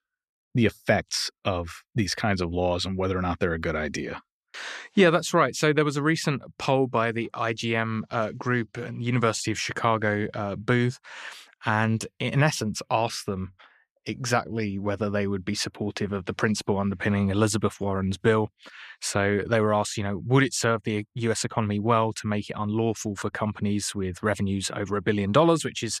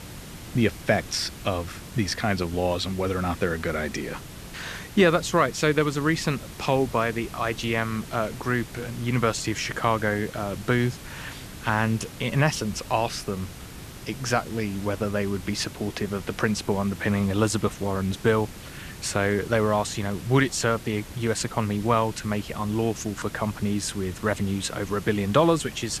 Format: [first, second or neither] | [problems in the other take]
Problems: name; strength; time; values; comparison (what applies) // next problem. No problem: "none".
first | hiss; noticeable; throughout; 15 dB below the speech